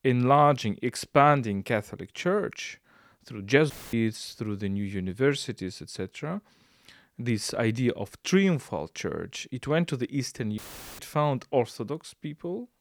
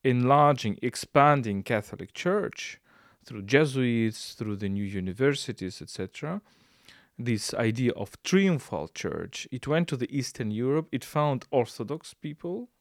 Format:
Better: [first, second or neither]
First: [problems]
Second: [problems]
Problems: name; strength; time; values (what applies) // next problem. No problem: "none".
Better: second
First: audio cutting out; filled with static; at 3.5 s and at 11 s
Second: none